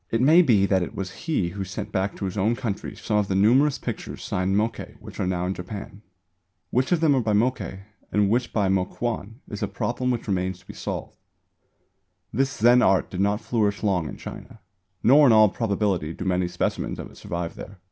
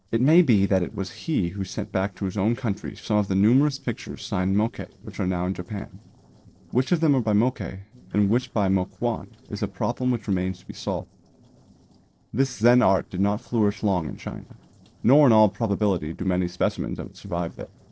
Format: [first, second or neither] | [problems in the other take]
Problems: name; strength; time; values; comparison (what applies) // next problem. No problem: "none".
first | noise reduction (neural separator model SepFormer DNS4)